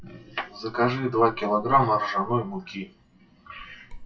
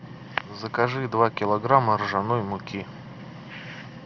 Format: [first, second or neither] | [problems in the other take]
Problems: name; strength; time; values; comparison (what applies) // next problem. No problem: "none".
second | noise reduction (classical method WPE with log-MMSE)